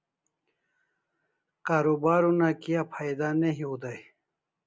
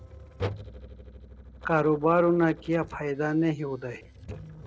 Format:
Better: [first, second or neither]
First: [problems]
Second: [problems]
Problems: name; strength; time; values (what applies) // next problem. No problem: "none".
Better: first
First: none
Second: noise reduction (neural separator model SepFormer DNS4)